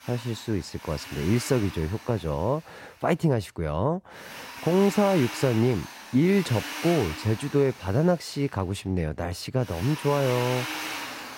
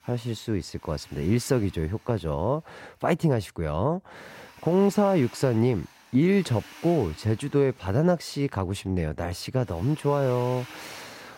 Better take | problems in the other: second | machinery noise; loud; throughout; 10 dB below the speech; faint in the second

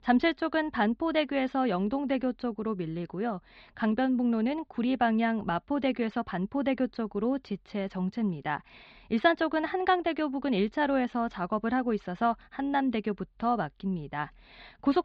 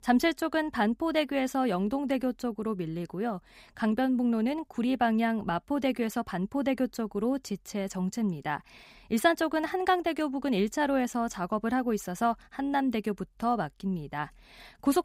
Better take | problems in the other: second | muffled; very slightly; fading above 4 kHz

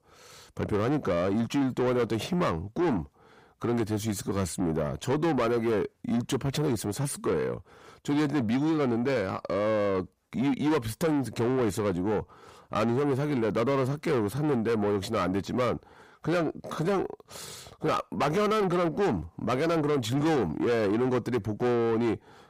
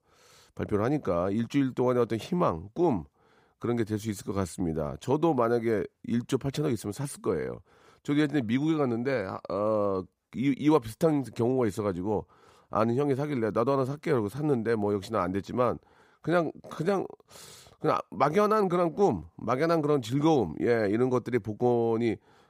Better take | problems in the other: second | distortion; heavy; 8 dB below the speech

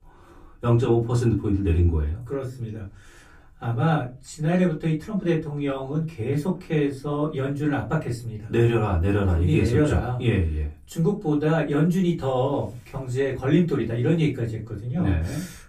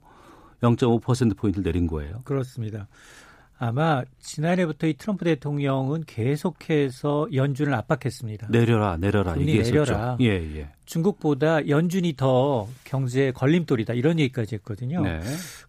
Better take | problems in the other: second | off-mic speech; far // room echo; very slight; dies away in 0.2 s

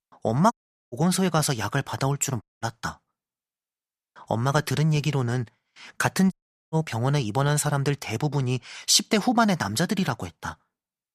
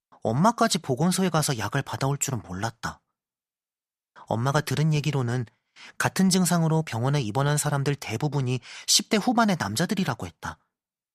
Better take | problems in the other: second | audio cutting out; at 0.5 s, at 2.5 s and at 6.5 s

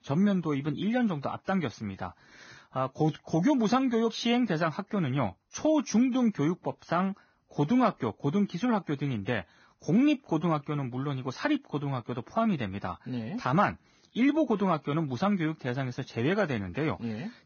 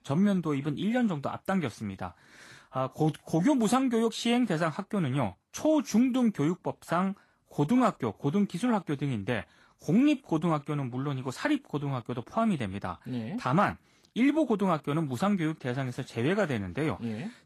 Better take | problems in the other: second | garbled, watery; badly; nothing above 6.5 kHz; slightly in the second

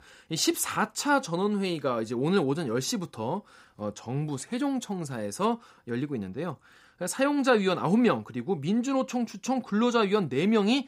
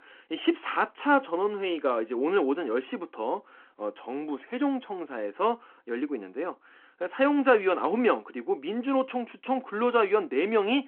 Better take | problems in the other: first | phone-call audio

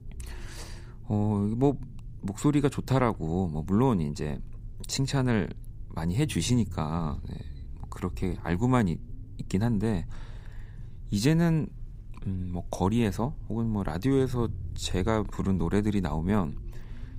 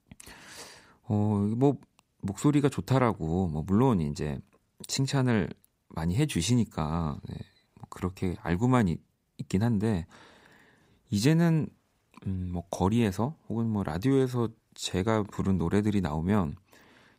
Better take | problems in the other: second | low rumble; faint; throughout; 25 dB below the speech

